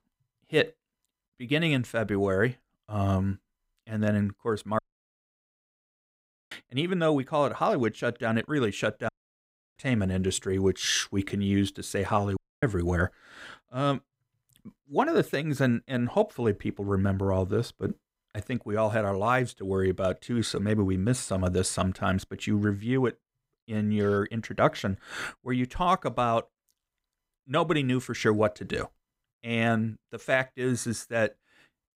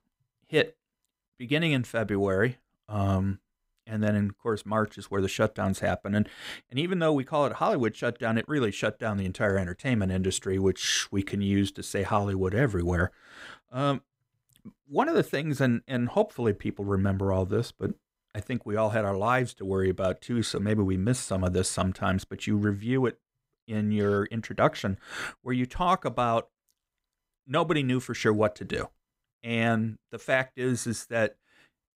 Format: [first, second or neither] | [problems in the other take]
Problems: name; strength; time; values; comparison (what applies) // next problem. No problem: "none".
second | audio cutting out; at 5 s for 1.5 s, at 9 s for 0.5 s and at 12 s